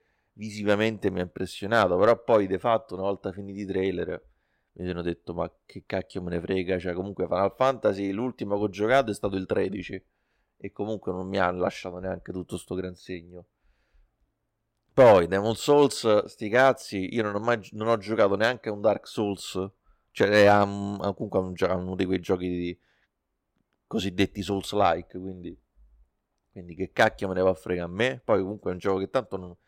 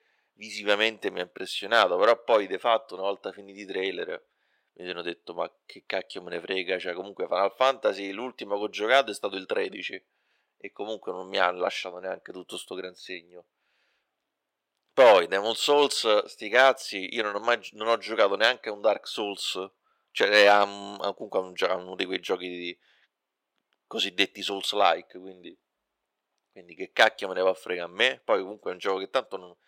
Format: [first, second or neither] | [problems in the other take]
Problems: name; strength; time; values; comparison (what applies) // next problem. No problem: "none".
first | thin; somewhat; fading below 450 Hz